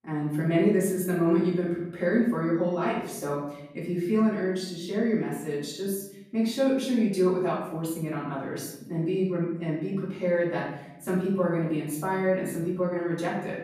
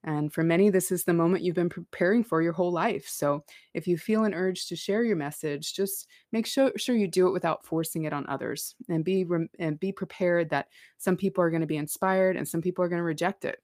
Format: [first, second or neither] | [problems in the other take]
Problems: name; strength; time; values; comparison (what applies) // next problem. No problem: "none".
second | room echo; noticeable; dies away in 0.8 s // off-mic speech; far